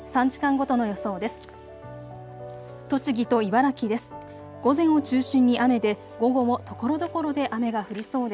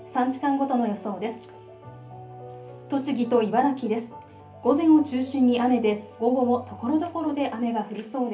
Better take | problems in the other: first | room echo; dies away in 0.3 s

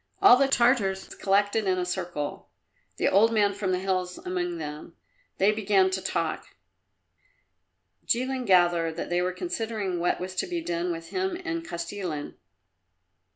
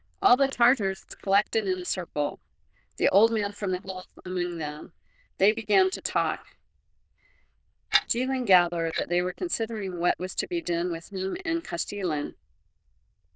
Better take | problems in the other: first | noise reduction (neural diffusion model UNIVERSE++)

